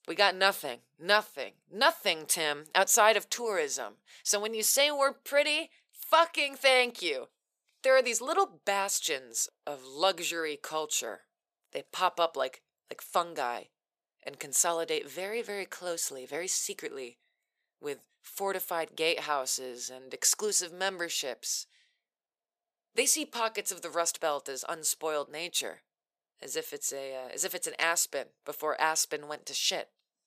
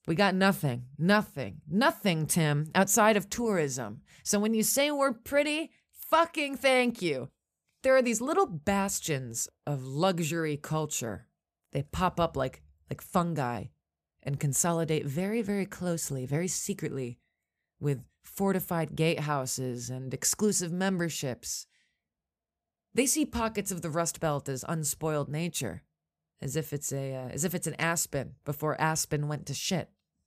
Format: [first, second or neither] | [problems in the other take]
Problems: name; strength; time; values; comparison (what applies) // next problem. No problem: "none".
second | thin; very; fading below 450 Hz